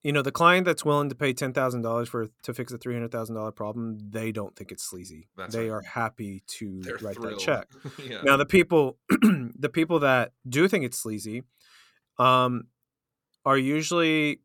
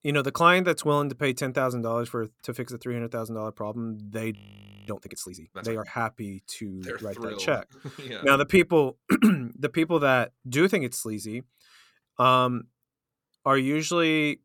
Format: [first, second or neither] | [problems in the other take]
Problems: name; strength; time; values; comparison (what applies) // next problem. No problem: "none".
first | audio freezing; at 4.5 s for 0.5 s